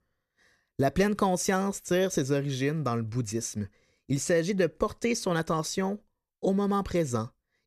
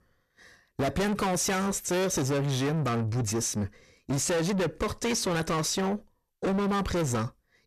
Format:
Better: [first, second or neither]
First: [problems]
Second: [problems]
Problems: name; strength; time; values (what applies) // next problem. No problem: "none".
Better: first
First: none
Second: distortion; heavy; 6 dB below the speech